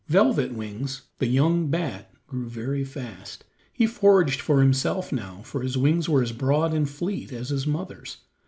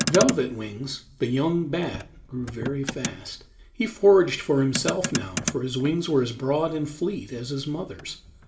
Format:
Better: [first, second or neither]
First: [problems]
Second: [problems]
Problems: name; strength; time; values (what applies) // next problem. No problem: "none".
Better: first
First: none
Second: background sound (Motor vehicle (road)); 9 dB below the speech // room echo; dies away in 0.3 s